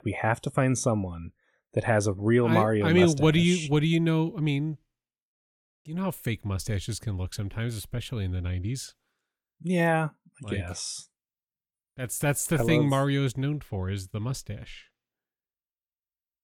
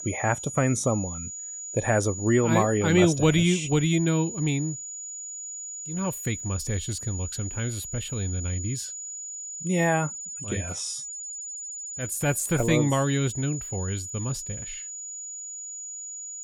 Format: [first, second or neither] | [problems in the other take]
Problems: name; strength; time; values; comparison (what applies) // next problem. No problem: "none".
first | high-pitched whine; loud; throughout; 7 kHz, 8 dB below the speech